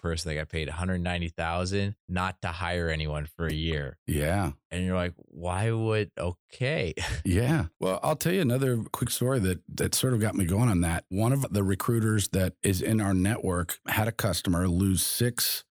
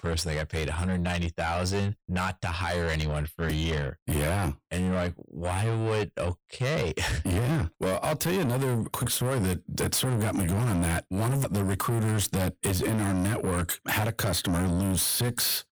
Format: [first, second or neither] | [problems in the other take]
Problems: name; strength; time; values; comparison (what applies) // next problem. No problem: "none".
first | distortion; heavy; 7 dB below the speech